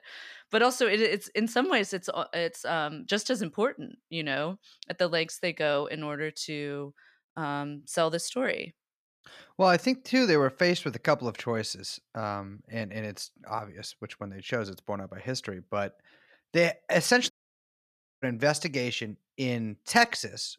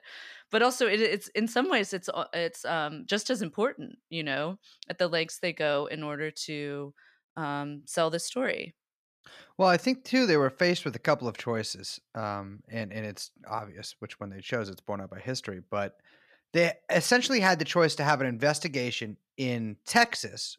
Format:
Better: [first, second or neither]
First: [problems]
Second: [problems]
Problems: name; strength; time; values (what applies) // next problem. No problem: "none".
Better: second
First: audio cutting out; at 17 s for 1 s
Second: none